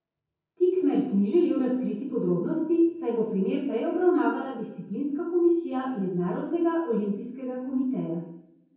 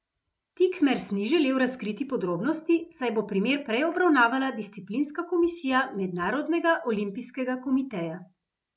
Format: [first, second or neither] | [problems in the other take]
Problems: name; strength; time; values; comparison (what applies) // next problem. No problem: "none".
second | room echo; dies away in 0.9 s